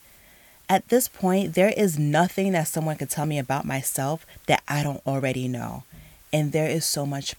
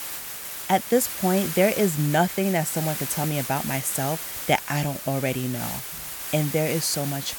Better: first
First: hiss; faint; throughout; 25 dB below the speech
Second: hiss; loud; throughout; 6 dB below the speech

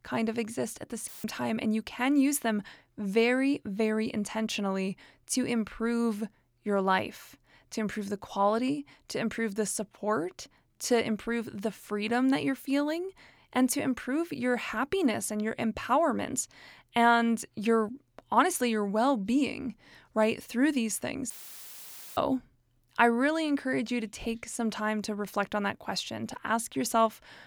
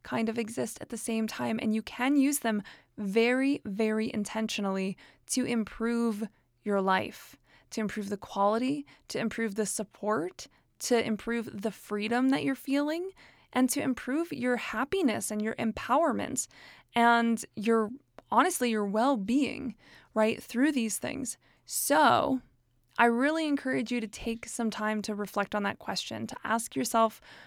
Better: second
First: audio cutting out; filled with static; at 1 s and at 21 s for 1 s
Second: none

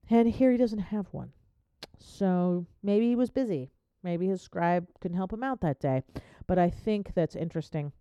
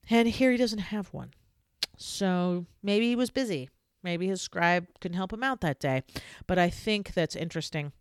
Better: second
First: muffled; slightly; fading above 1.5 kHz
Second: none

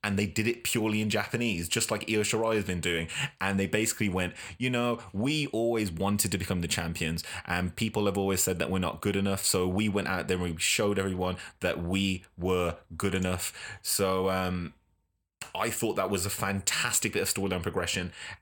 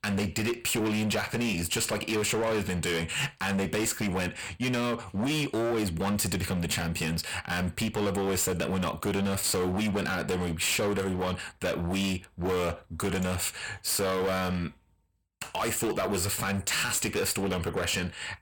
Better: first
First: none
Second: distortion; heavy; 21% of the sound clipped

